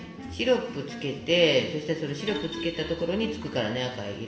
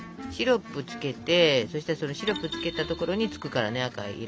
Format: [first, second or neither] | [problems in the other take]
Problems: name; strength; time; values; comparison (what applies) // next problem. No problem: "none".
second | room echo; dies away in 1.2 s